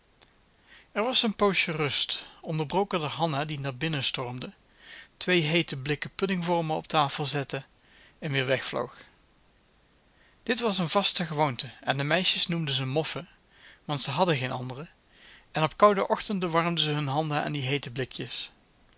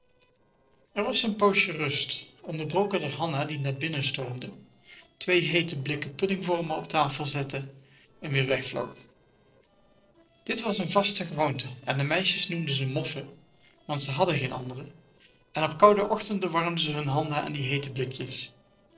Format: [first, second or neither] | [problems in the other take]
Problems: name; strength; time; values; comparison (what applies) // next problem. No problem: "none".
first | noise reduction (neural separator model SepFormer DNS4)